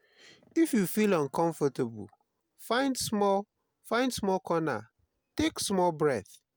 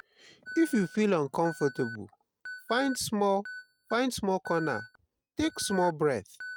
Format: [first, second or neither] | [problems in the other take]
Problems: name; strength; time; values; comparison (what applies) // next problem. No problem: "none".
first | noise reduction (neural mask model RNNoise)